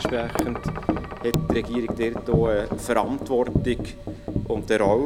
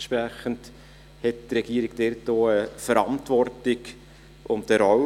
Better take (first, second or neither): second